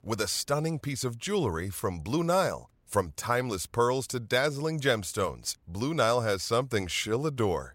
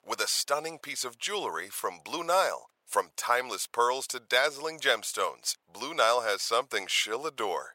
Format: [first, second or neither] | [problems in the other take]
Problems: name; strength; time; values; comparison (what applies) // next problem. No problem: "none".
first | thin; very; fading below 700 Hz